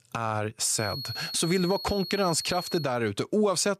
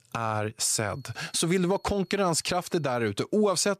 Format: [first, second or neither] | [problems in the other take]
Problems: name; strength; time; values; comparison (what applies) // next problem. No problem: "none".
second | high-pitched whine; loud; from 1 to 3 s; 4.5 kHz, 8 dB below the speech; faint in the second